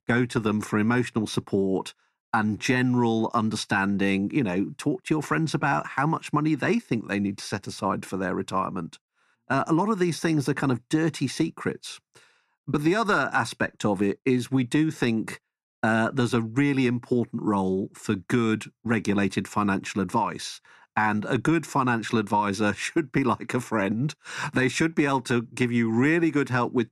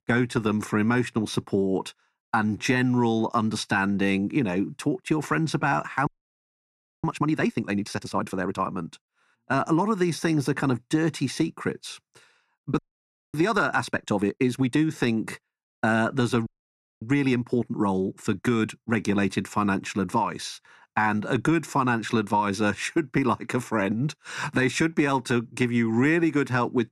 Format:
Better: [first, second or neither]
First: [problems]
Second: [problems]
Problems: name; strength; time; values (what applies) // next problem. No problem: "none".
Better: first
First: none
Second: audio freezing; at 6 s for 1 s, at 13 s for 0.5 s and at 16 s for 0.5 s